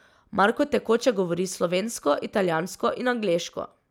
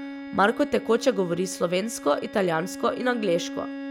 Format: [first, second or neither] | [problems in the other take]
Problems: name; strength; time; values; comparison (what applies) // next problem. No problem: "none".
first | background sound (Bowed string instrument); 12 dB below the speech